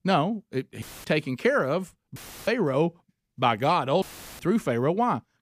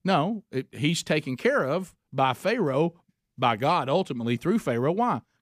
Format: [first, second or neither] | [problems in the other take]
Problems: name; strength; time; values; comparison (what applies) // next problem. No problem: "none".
second | audio cutting out; filled with static; at 1 s, at 2 s and at 4 s